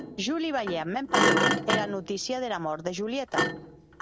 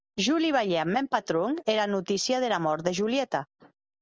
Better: second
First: background sound (Thump, thud); 2 dB above the speech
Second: none

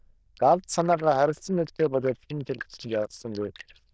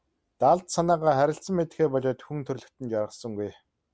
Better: second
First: noise reduction (neural diffusion model UNIVERSE++)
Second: none

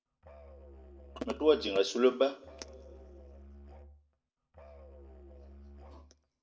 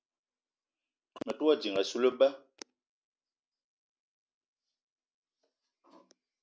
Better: second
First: background sound (Musical instrument); 18 dB below the speech // room echo; dies away in 1.7 s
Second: none

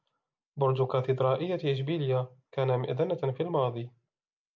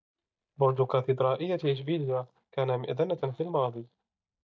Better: first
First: none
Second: noise reduction (neural mask model DeepFilterNet 3)

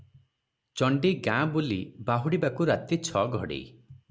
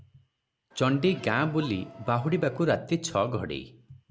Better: first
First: none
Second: background sound (Crowd); 19 dB below the speech

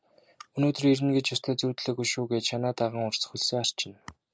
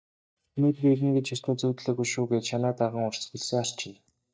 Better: first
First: none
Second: noise reduction (neural mask model DeepFilterNet 3)

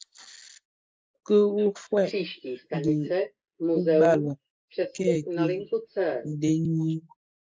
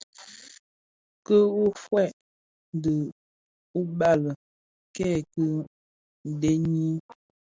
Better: second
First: noise reduction (neural mask model Resemble Enhance denoiser)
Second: none

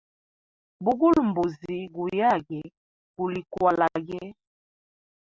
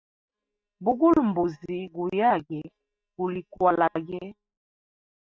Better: first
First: none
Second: noise reduction (neural mask model DeepFilterNet 3)

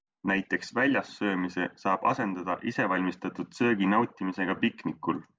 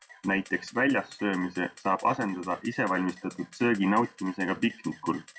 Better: first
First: none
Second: noise reduction (classical method log-MMSE)

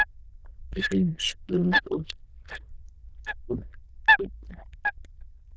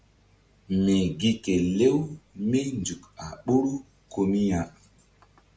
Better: second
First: noise reduction (neural diffusion model UNIVERSE++)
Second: none

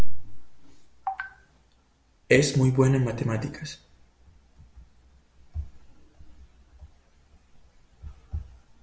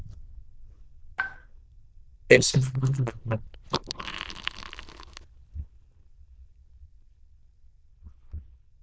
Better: first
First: none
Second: noise reduction (neural diffusion model UNIVERSE++)

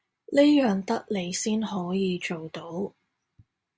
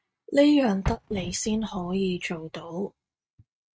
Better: first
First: none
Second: noise reduction (neural mask model RNNoise)

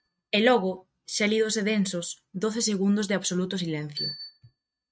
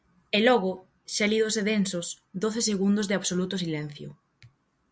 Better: second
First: noise reduction (neural mask model RNNoise)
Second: none

